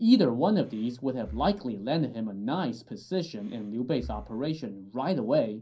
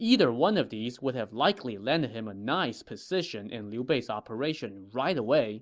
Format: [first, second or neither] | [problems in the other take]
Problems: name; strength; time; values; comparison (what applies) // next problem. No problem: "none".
second | background sound (Breathing); 19 dB below the speech // room echo; dies away in 0.3 s